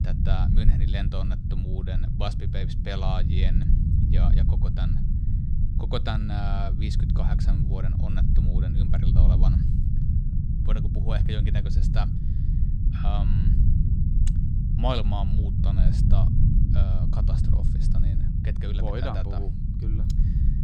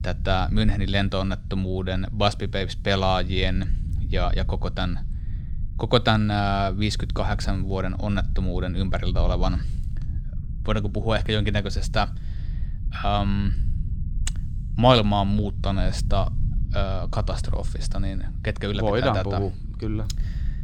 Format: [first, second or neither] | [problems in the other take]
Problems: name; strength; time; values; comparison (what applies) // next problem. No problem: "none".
second | low rumble; loud; throughout; 2 dB below the speech; faint in the second